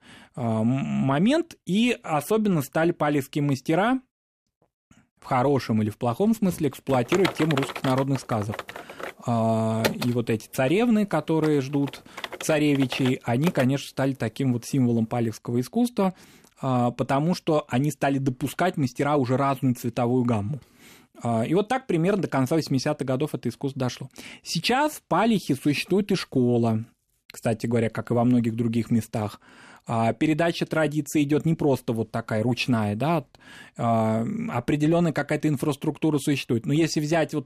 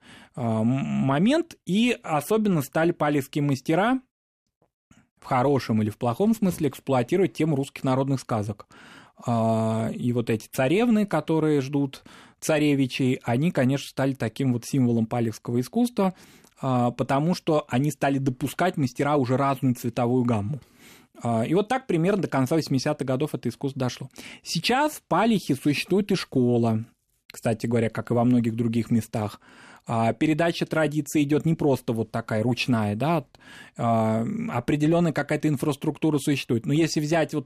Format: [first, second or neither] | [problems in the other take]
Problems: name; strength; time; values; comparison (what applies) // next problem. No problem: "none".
second | keyboard typing; noticeable; from 7 to 14 s; peak 4 dB below the speech